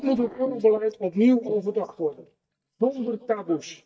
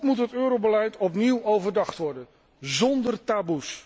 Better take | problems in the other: second | noise reduction (neural mask model DeepFilterNet 3)

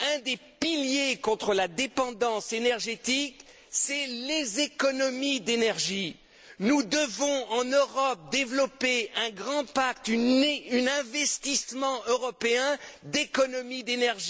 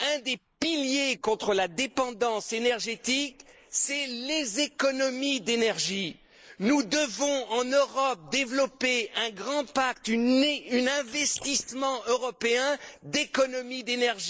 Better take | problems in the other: first | noise reduction (neural mask model Resemble Enhance denoiser)

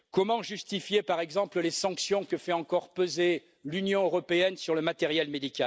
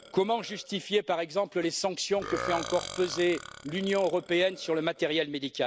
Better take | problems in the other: first | background sound (Burping, eructation); 14 dB below the speech

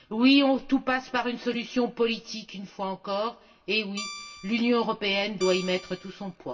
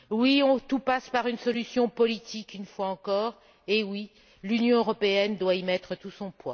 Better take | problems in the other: second | background sound (Guitar); 14 dB below the speech // room echo; dies away in 0.2 s

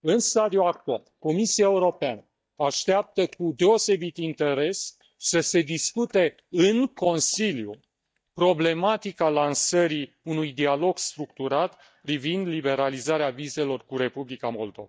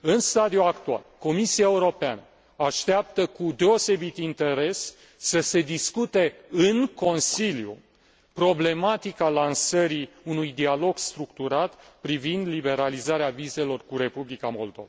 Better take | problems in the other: second | noise reduction (neural mask model DeepFilterNet 3)

